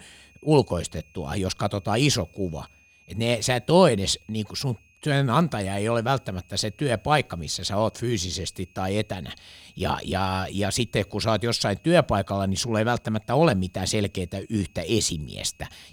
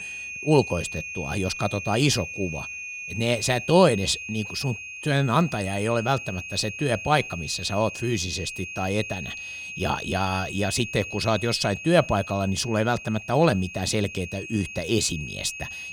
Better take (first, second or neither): first